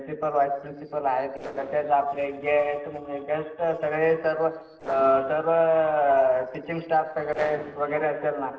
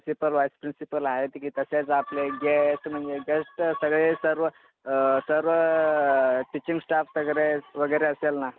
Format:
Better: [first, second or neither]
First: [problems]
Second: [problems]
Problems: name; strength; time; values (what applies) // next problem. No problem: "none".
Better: second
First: noise reduction (neural separator model SepFormer DNS4)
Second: none